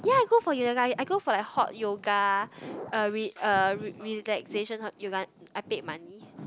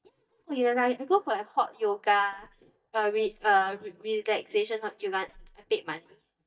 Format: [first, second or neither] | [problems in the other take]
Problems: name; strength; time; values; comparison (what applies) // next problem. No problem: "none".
first | noise reduction (neural mask model DeepFilterNet 3)